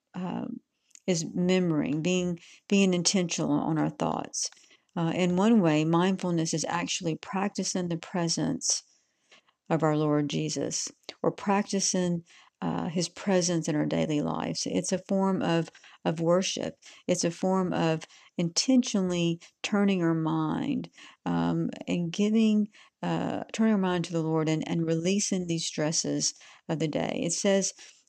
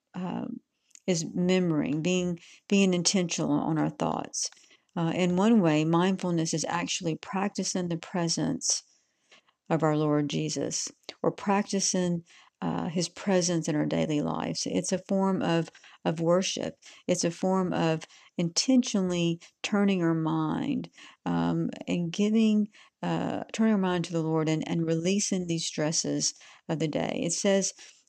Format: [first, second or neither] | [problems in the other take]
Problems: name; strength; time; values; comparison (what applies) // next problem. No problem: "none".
neither | none